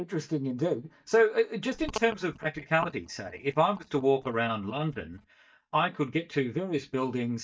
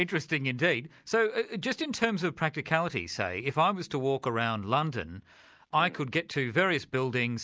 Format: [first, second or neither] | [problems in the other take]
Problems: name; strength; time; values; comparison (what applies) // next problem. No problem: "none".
second | noise reduction (neural mask model DeepFilterNet 3)